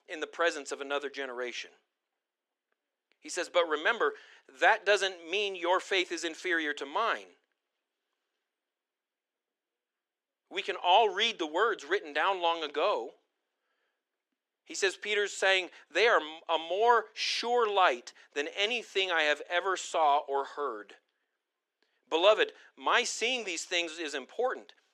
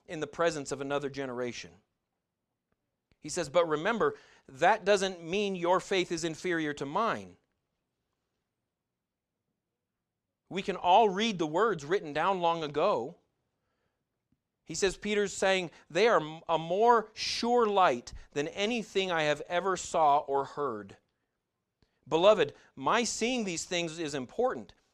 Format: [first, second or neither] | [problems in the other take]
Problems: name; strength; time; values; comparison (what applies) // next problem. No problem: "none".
second | thin; somewhat; fading below 300 Hz